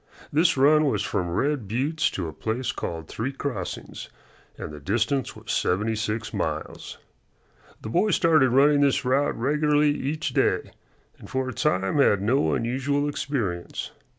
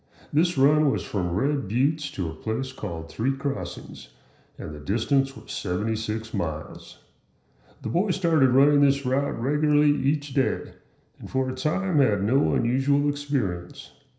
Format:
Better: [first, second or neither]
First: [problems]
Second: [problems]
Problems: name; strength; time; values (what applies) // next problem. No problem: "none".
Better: first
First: none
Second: room echo; dies away in 0.5 s